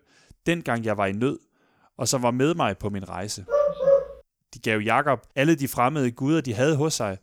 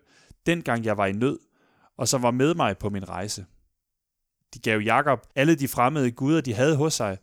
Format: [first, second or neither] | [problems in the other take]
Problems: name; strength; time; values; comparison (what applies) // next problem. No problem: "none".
second | dog barking; loud; at 3.5 s; peak 4 dB above the speech